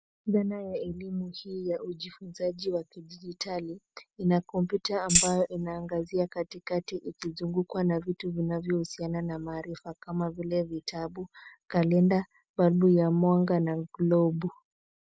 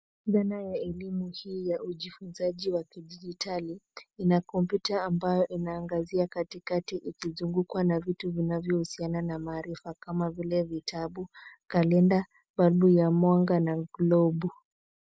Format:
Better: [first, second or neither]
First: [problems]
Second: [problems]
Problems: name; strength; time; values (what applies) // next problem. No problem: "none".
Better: second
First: background sound (Tambourine); 3 dB above the speech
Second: none